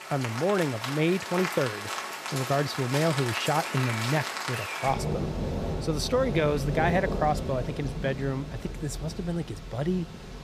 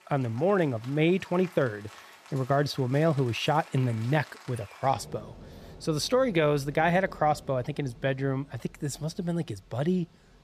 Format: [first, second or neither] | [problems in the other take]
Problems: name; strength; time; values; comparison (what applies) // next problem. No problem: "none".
second | rain or running water; loud; throughout; 4 dB below the speech; faint in the second